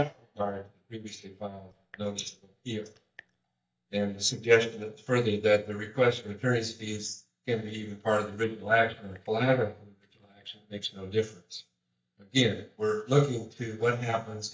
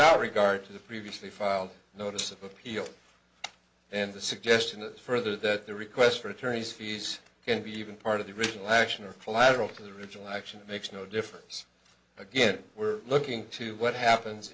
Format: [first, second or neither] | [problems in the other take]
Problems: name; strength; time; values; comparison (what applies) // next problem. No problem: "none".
second | noise reduction (neural mask model DeepFilterNet 3)